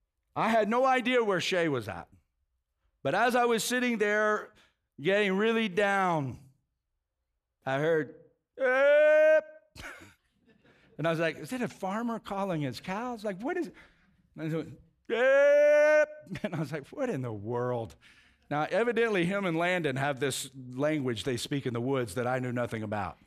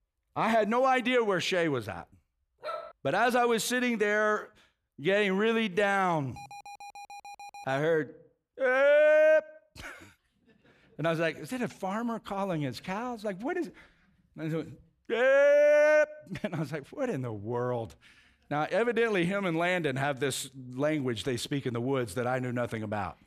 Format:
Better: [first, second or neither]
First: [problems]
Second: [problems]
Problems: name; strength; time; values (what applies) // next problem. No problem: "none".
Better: first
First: none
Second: dog barking; faint; at 2.5 s; peak 10 dB below the speech // alarm; faint; from 6.5 to 8 s; peak 15 dB below the speech